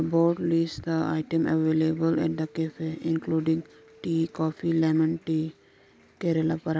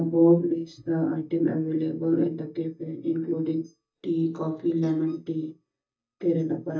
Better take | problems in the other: first | noise reduction (neural mask model DeepFilterNet 3)

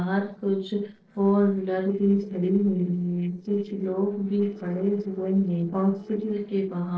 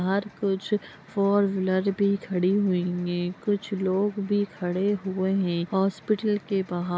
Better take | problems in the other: second | noise reduction (neural separator model SepFormer DNS4)

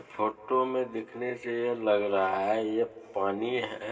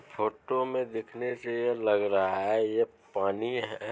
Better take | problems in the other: second | room echo; dies away in 1.9 s

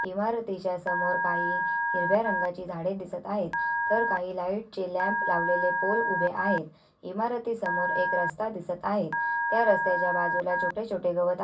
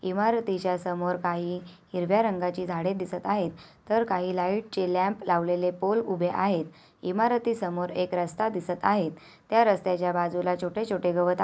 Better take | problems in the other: second | background sound (Telephone); 1 dB below the speech // room echo; dies away in 0.1 s

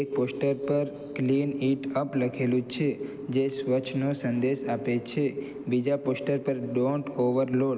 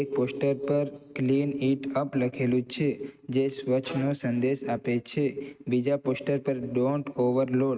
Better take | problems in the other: first | noise reduction (neural mask model RNNoise)

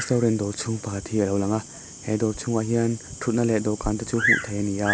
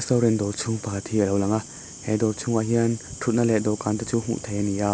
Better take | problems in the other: second | background sound (Bird vocalization, bird call, bird song); 7 dB below the speech

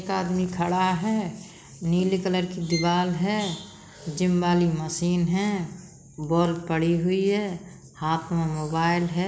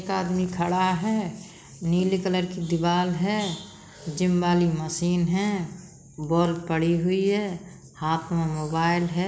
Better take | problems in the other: second | background sound (Bowed string instrument); 15 dB below the speech

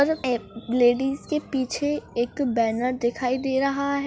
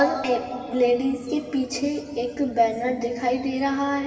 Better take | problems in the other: first | room echo; dies away in 2.4 s

